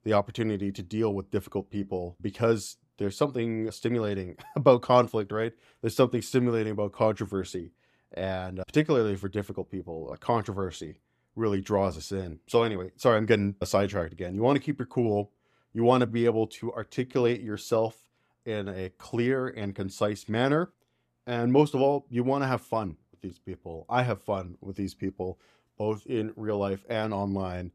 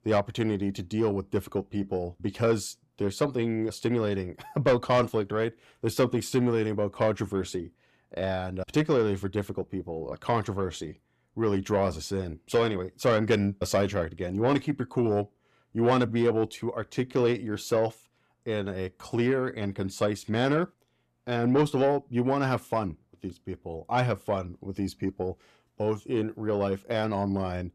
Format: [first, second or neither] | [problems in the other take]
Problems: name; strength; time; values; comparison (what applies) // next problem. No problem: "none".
first | distortion; slight; 10 dB below the speech